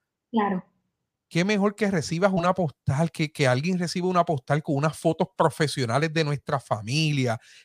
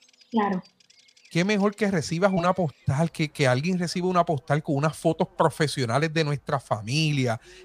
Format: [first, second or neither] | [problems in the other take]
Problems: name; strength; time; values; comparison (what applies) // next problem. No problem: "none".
first | animal sounds; faint; throughout; 30 dB below the speech